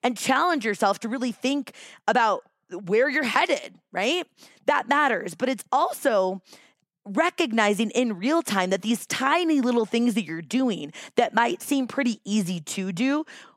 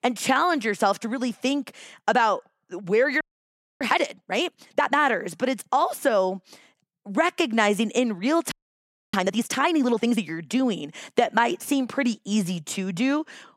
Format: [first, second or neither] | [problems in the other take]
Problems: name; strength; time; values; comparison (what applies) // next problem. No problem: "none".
first | audio freezing; at 3 s for 0.5 s and at 8.5 s for 0.5 s